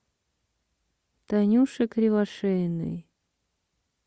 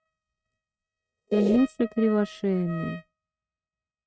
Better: first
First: none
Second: noise reduction (neural mask model RNNoise)

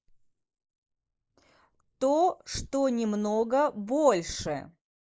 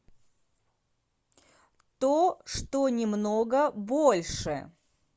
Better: second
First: noise reduction (neural mask model Resemble Enhance denoiser)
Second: none

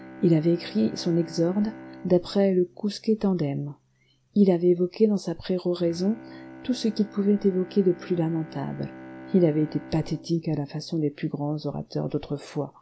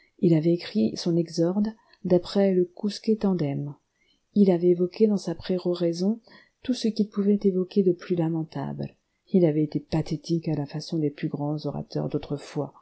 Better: second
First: background sound (Bowed string instrument); 20 dB below the speech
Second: none

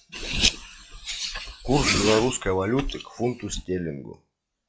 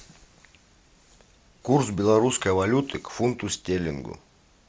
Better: second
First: noise reduction (classical method log-MMSE)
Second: none

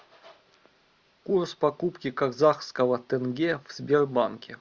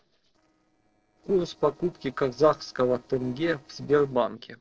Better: first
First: none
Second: noise reduction (neural separator model SepFormer DNS4)

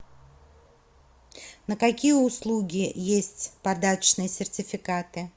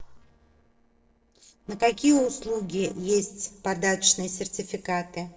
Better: first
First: none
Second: noise reduction (neural separator model SepFormer DNS4)

